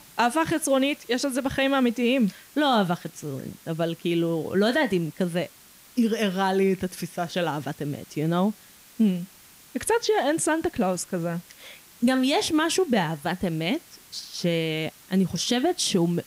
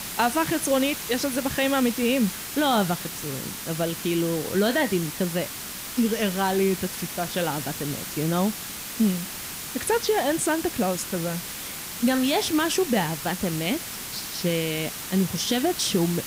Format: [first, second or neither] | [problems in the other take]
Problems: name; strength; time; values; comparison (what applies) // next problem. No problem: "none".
first | hiss; loud; throughout; 7 dB below the speech; faint in the first